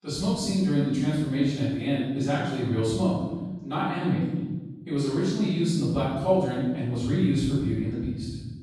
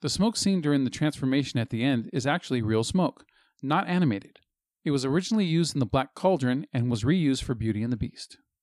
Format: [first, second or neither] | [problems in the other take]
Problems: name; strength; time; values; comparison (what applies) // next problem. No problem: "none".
second | room echo; strong; dies away in 1.3 s // off-mic speech; far